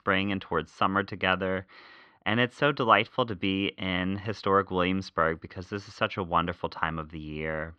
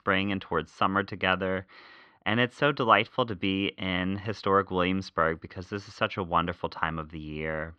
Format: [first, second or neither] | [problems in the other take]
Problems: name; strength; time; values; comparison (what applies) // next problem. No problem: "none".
neither | muffled; slightly; fading above 4 kHz; the same in both